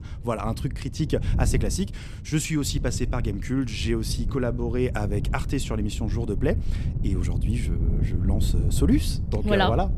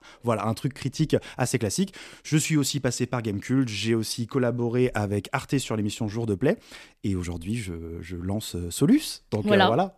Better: second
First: wind noise on the microphone; occasional gusts; 10 dB below the speech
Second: none

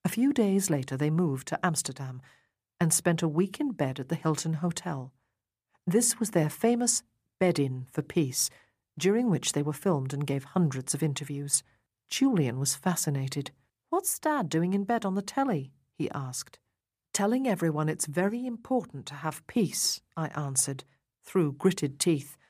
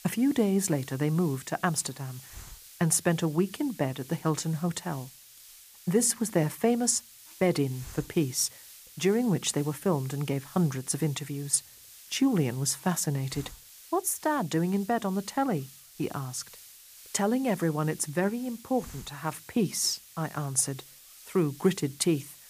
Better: first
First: none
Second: hiss; noticeable; throughout; 20 dB below the speech

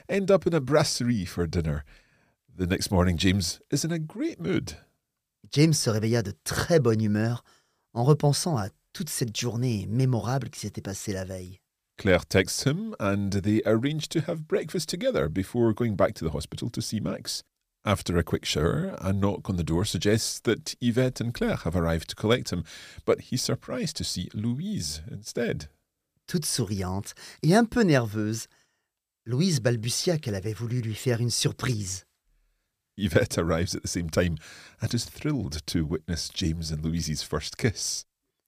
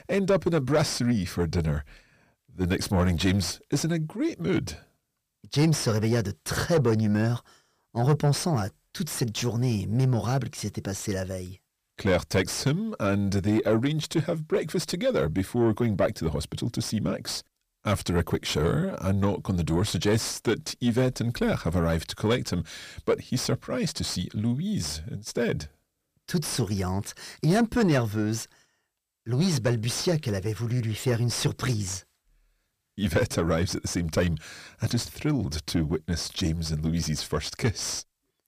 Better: first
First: none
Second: distortion; slight; 10 dB below the speech

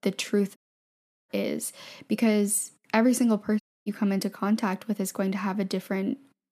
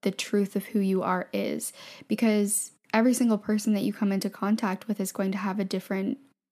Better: second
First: audio cutting out; at 0.5 s for 0.5 s and at 3.5 s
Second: none

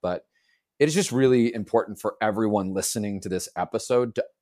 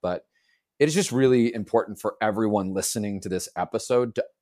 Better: neither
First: none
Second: none

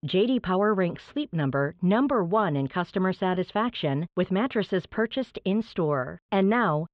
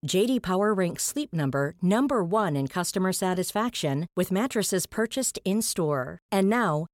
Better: second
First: muffled; very; fading above 3.5 kHz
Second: none

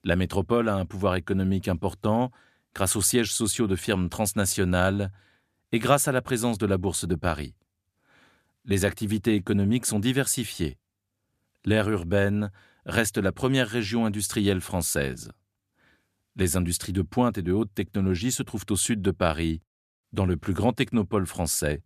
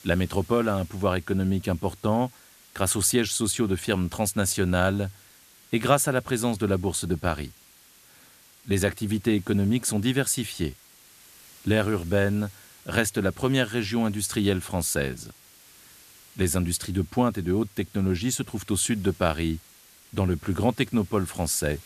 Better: first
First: none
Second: hiss; faint; throughout; 25 dB below the speech

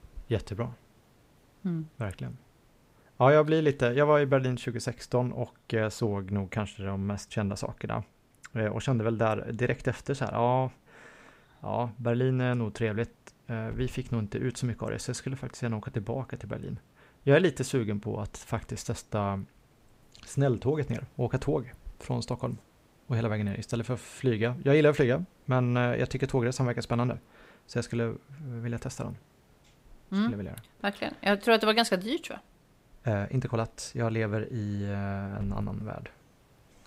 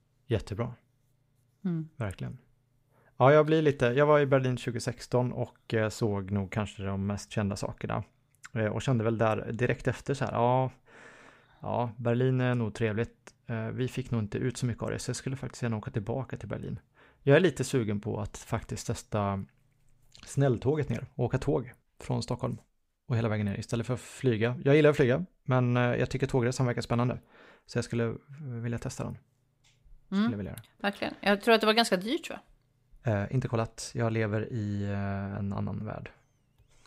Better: second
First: hiss; faint; throughout; 30 dB below the speech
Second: none

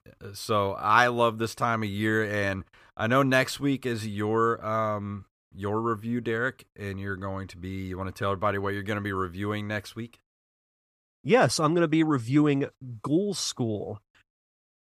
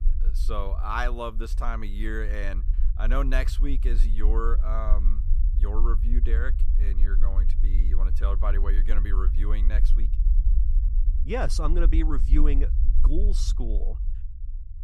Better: first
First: none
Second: low rumble; noticeable; throughout; 15 dB below the speech

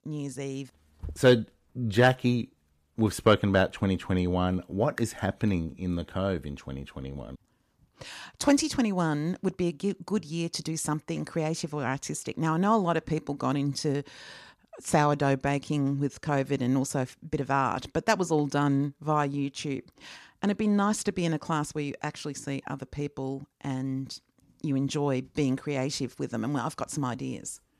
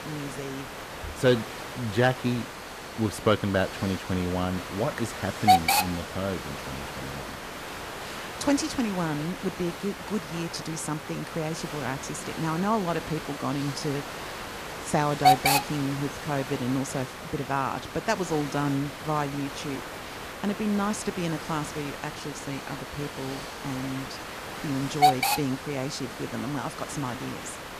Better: first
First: none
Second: hiss; loud; throughout; 2 dB below the speech

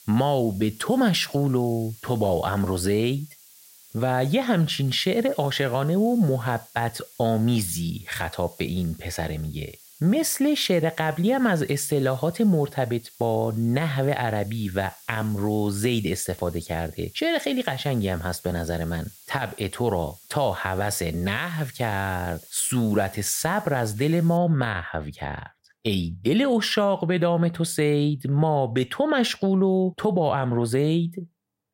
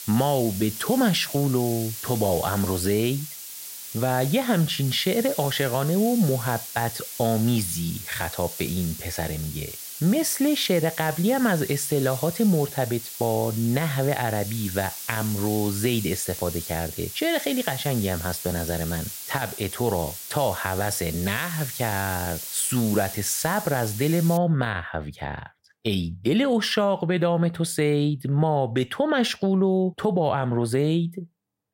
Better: first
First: hiss; faint; until 24 s; 20 dB below the speech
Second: hiss; loud; until 24 s; 9 dB below the speech

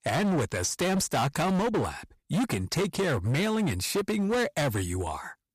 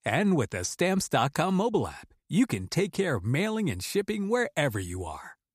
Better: second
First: distortion; heavy; 23% of the sound clipped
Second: none

